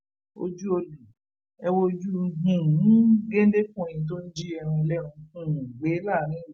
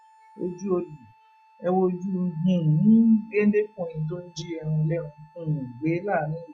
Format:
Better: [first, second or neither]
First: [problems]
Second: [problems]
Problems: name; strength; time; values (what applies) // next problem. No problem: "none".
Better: first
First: none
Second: noise reduction (classical method log-MMSE)